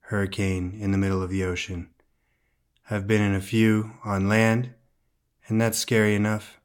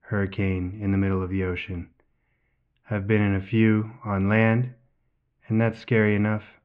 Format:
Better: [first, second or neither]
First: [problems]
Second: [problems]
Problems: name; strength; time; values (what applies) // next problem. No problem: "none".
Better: first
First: none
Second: muffled; very; fading above 2.5 kHz